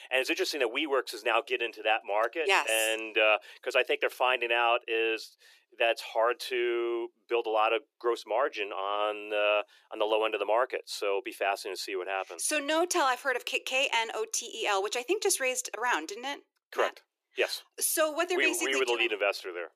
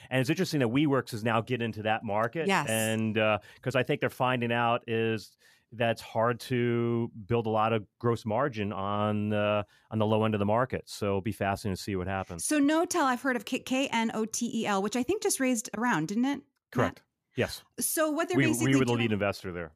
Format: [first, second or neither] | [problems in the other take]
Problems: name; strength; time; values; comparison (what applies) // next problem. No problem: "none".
second | thin; very; fading below 350 Hz